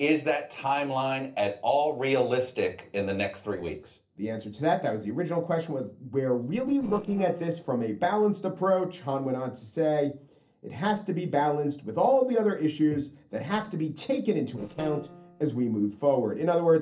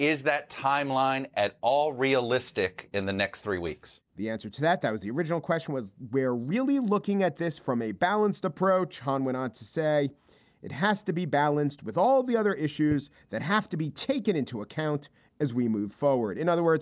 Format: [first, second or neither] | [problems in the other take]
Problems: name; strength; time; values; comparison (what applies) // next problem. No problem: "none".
second | noise reduction (neural separator model SepFormer DNS4)